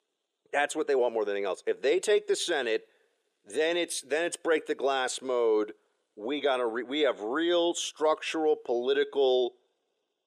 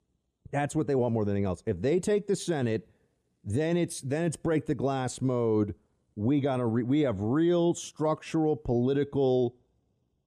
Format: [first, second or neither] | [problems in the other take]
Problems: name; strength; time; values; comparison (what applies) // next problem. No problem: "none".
second | thin; very; fading below 400 Hz